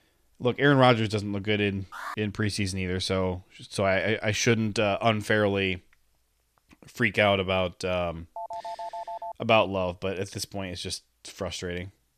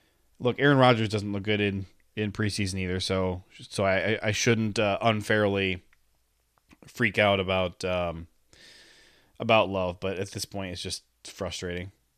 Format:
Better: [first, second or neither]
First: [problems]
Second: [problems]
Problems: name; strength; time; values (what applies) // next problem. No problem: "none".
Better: second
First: alarm; faint; at 2 s; peak 10 dB below the speech // phone ringing; faint; at 8.5 s; peak 10 dB below the speech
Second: none